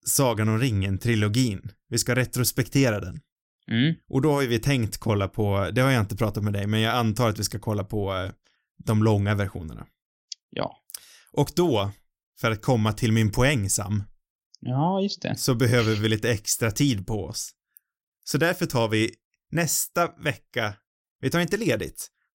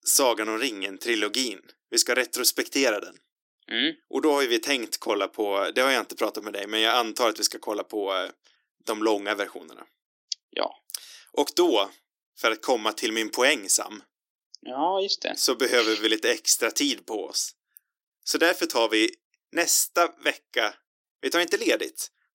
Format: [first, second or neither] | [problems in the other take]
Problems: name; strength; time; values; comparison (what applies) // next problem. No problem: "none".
first | thin; very; fading below 300 Hz